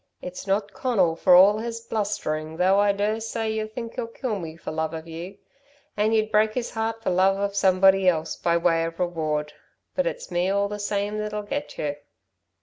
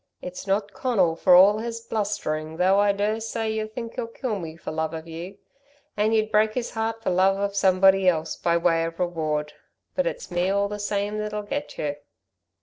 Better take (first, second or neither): first